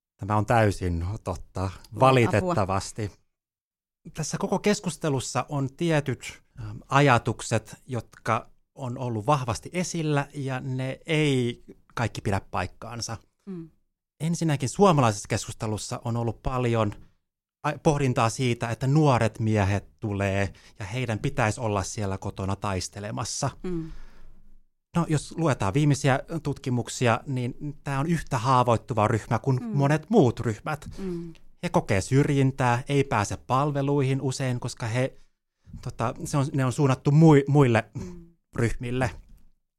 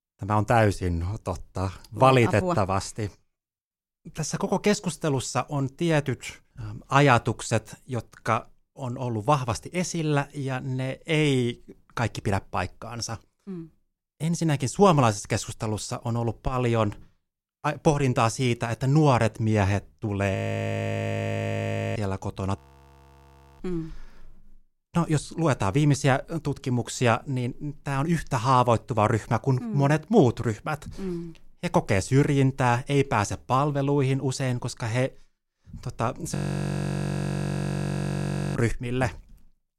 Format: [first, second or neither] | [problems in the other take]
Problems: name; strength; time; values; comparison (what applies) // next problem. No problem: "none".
first | audio freezing; at 20 s for 1.5 s, at 23 s for 1 s and at 36 s for 2 s